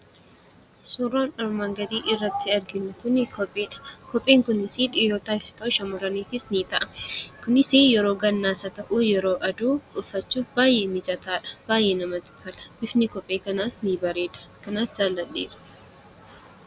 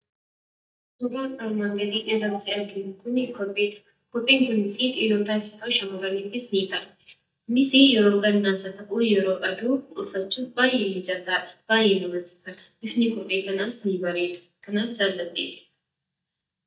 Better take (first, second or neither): first